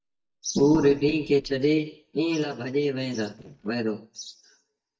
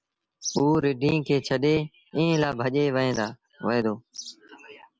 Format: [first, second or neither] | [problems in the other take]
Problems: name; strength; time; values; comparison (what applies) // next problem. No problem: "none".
second | noise reduction (neural mask model DeepFilterNet 3)